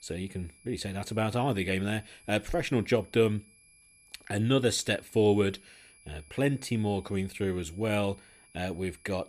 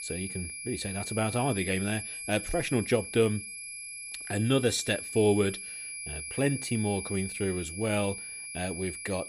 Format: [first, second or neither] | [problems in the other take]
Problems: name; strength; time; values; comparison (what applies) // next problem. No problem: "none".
first | high-pitched whine; loud; throughout; 2.5 kHz, 7 dB below the speech; faint in the first